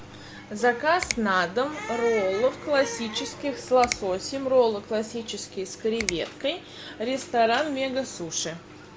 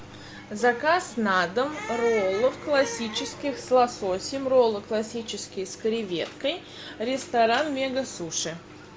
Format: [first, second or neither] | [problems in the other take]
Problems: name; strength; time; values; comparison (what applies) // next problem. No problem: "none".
second | background sound (Finger snapping); 12 dB below the speech